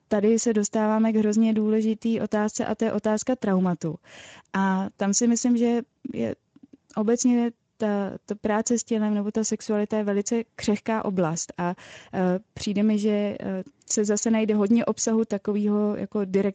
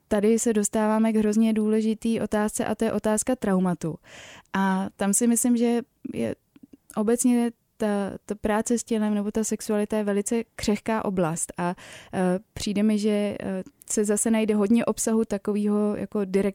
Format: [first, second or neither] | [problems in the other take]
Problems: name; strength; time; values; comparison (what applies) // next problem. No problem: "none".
second | garbled, watery; slightly; nothing above 7.5 kHz